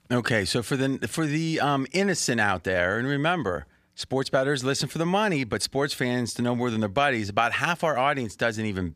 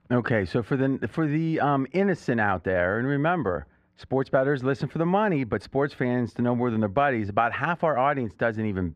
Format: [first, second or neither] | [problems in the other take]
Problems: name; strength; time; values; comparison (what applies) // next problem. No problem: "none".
first | muffled; very; fading above 3.5 kHz